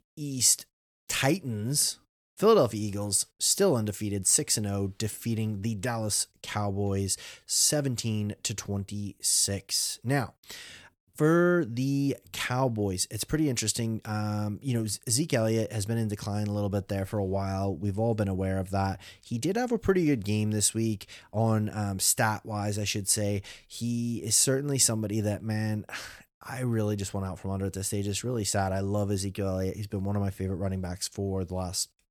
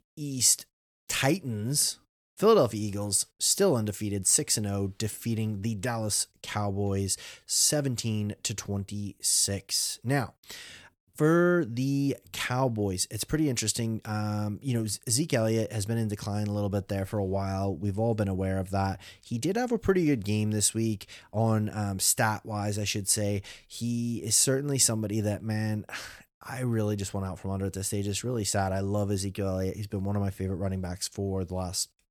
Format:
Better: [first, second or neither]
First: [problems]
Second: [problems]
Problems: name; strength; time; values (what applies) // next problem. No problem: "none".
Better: neither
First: none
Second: none